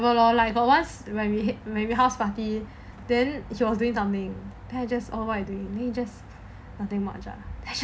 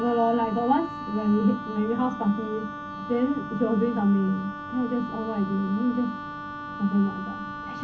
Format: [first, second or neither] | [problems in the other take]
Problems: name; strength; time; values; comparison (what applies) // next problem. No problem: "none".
first | background sound (Wind instrument, woodwind instrument); 10 dB below the speech // room echo; dies away in 0.3 s